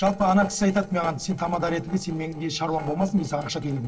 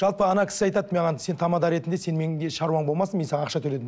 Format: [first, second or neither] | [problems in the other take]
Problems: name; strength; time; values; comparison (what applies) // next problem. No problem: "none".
second | noise reduction (neural separator model SepFormer DNS4)